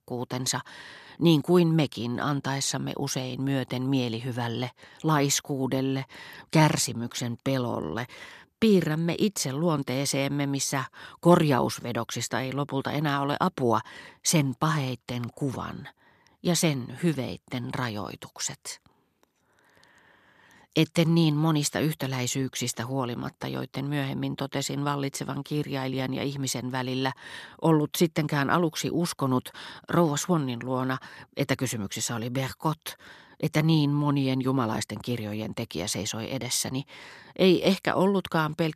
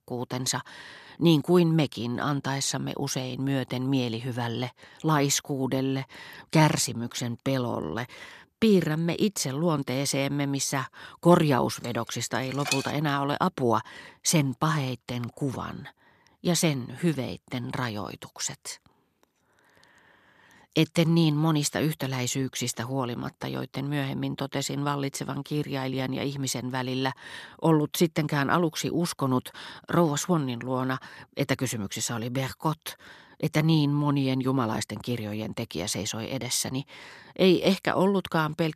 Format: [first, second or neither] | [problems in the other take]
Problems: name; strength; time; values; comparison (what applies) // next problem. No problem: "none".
first | clattering dishes; noticeable; from 12 to 13 s; peak 3 dB below the speech